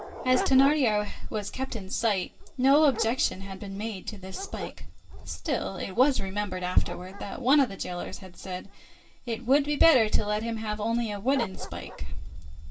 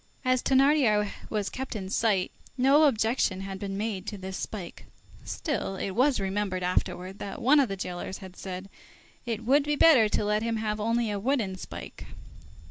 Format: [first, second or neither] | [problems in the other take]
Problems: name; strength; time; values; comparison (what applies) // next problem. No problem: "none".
second | background sound (Dog); 17 dB below the speech // room echo; dies away in 0.2 s